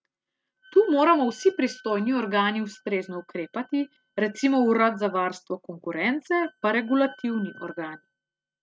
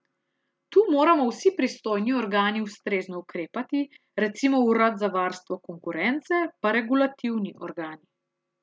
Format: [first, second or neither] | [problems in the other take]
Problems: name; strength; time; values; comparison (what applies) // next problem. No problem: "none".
second | noise reduction (neural mask model RNNoise)